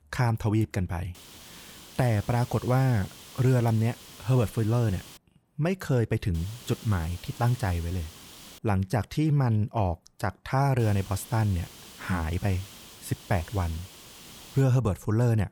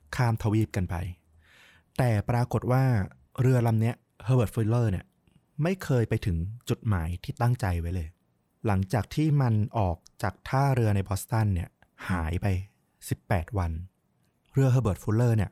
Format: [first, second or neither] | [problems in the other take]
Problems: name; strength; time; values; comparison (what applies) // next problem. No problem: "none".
second | hiss; noticeable; from 1 to 5 s, from 6.5 to 8.5 s and from 11 to 15 s; 20 dB below the speech